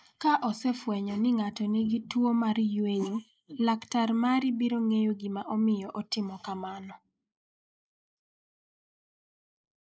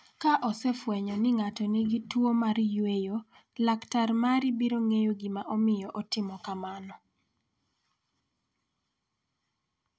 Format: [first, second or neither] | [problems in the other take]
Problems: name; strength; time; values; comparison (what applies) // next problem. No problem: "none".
second | noise reduction (neural mask model Resemble Enhance denoiser)